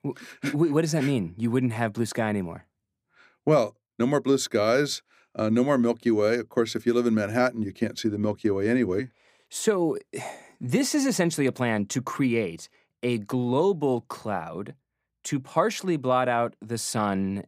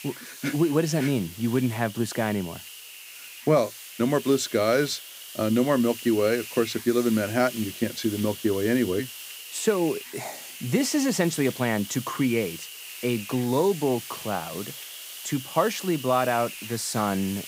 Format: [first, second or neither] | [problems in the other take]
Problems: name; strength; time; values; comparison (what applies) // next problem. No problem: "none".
first | hiss; noticeable; throughout; 10 dB below the speech